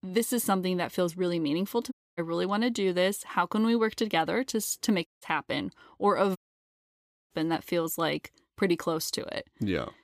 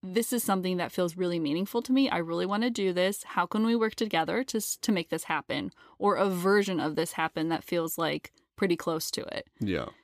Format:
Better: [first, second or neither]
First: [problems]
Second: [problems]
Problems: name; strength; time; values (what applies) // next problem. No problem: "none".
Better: second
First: audio cutting out; at 2 s, at 5 s and at 6.5 s for 1 s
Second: none